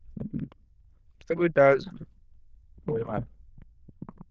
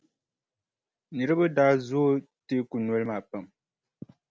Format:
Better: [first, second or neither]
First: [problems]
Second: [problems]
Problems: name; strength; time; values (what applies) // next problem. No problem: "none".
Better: second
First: noise reduction (neural diffusion model UNIVERSE++)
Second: none